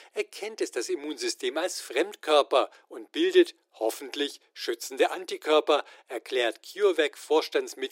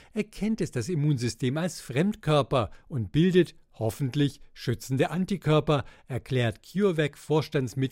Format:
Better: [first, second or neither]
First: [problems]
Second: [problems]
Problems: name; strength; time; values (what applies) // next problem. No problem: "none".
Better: second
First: thin; very; fading below 350 Hz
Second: none